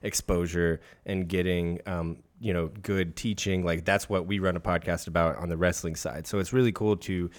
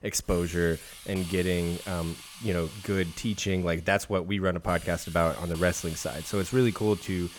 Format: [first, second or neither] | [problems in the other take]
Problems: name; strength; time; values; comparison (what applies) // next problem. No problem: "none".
first | hiss; noticeable; throughout; 15 dB below the speech